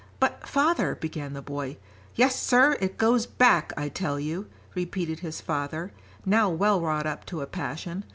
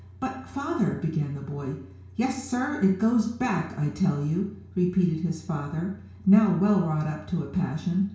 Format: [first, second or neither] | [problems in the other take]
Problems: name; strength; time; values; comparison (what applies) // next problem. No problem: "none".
first | room echo; dies away in 0.6 s